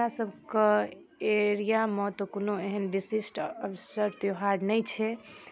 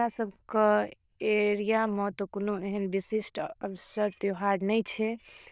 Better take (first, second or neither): first